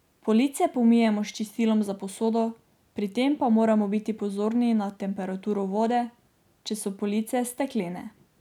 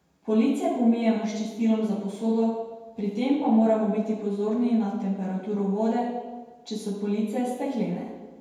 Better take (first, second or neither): first